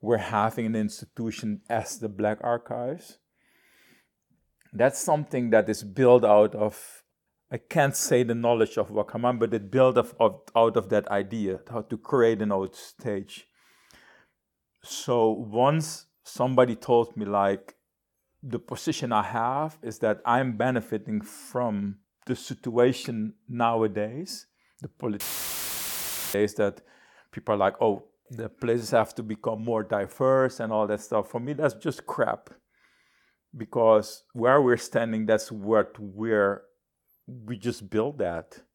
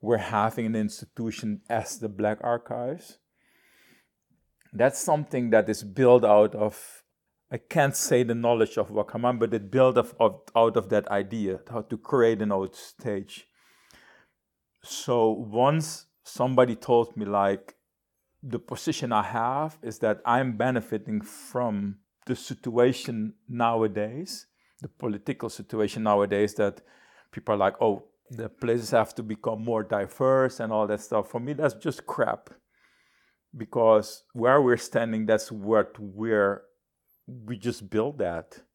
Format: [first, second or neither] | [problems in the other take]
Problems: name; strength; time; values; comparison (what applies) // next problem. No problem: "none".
second | audio cutting out; filled with static; at 25 s for 1 s